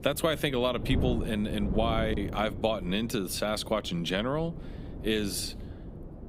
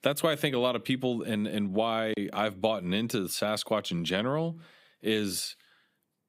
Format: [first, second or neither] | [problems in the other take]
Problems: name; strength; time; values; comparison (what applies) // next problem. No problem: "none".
second | wind noise on the microphone; occasional gusts; 15 dB below the speech